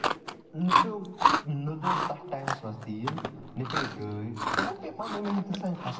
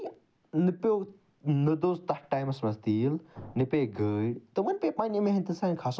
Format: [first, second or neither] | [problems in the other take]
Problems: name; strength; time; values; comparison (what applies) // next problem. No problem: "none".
second | background sound (Chewing, mastication); 3 dB above the speech // room echo; dies away in 2.5 s